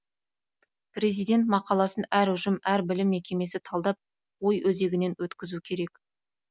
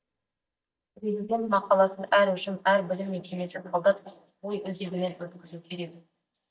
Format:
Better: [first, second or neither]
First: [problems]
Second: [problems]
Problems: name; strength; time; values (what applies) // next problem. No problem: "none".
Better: first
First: none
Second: noise reduction (neural mask model DeepFilterNet 3)